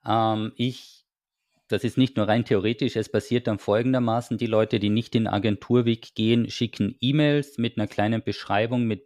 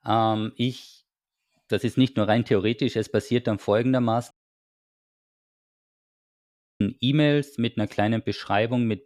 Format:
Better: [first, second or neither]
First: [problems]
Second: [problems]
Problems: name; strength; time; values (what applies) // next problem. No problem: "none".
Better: first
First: none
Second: audio cutting out; at 4.5 s for 2.5 s